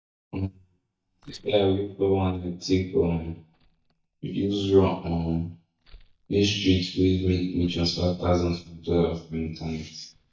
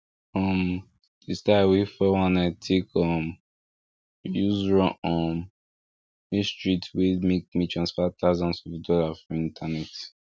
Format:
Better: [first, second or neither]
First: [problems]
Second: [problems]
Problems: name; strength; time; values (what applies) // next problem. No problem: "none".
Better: second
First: noise reduction (neural mask model DeepFilterNet 3)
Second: none